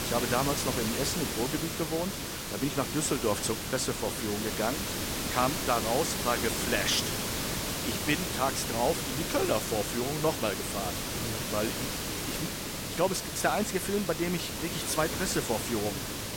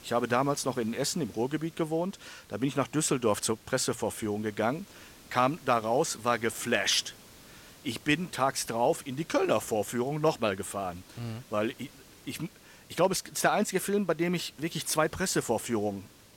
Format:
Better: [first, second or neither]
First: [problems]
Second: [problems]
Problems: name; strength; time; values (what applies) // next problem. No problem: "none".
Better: second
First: hiss; loud; throughout; 1 dB below the speech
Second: hiss; faint; throughout; 25 dB below the speech